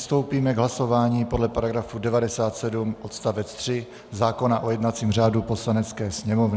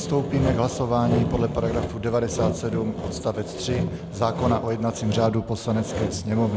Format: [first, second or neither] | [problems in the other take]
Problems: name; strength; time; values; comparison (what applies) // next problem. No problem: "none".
first | background sound (Sawing); 4 dB below the speech